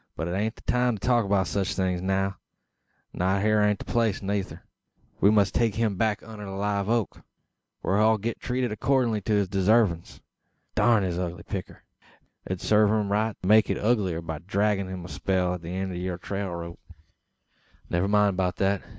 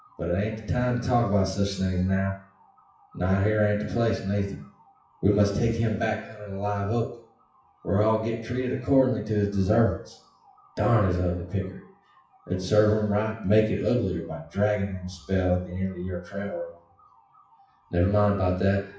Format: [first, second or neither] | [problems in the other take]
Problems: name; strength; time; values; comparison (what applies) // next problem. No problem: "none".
first | noise reduction (classical method WPE with log-MMSE)